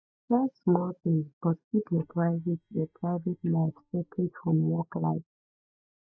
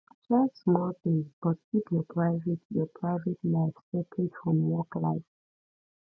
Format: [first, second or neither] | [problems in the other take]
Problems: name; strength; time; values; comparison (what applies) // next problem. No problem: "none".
second | noise reduction (neural mask model DeepFilterNet 3)